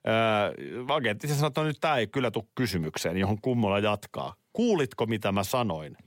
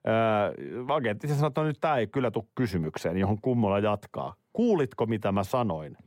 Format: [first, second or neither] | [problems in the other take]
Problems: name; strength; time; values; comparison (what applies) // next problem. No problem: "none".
first | muffled; slightly; fading above 2 kHz